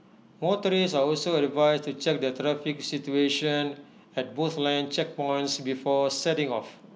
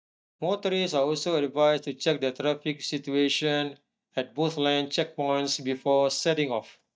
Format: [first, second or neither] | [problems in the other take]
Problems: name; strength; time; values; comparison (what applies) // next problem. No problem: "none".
first | noise reduction (neural mask model DeepFilterNet 3)